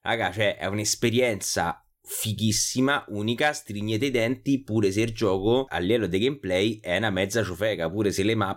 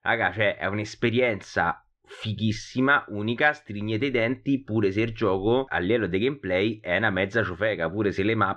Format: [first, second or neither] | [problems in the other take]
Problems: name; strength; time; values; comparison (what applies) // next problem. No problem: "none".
first | muffled; very; fading above 3.5 kHz